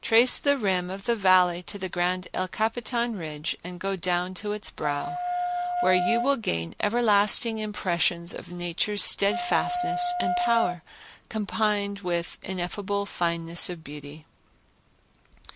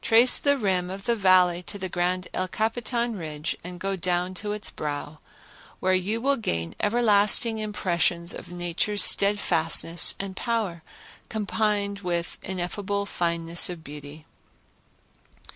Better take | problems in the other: second | background sound (Wind instrument, woodwind instrument); 1 dB below the speech

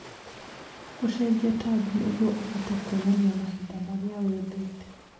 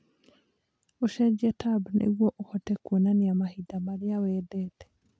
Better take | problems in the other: second | background sound (Ocean); 16 dB below the speech // room echo; dies away in 0.7 s

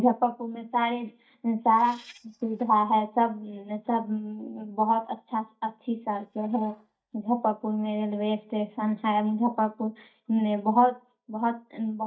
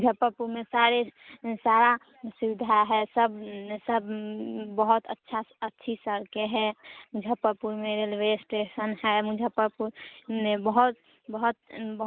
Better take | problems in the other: second | noise reduction (neural mask model DeepFilterNet 3)

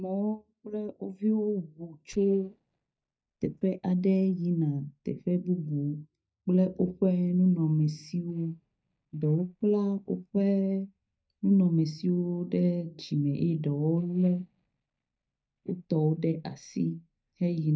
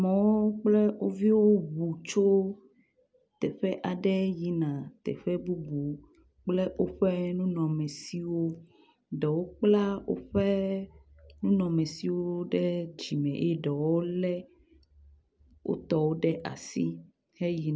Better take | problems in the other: second | noise reduction (neural mask model DeepFilterNet 3)

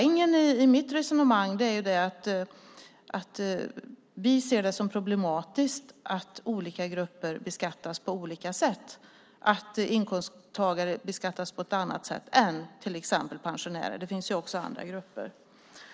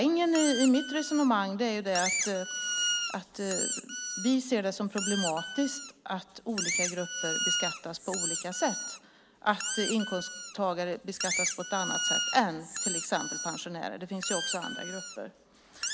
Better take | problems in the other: first | background sound (Squeak); 3 dB below the speech

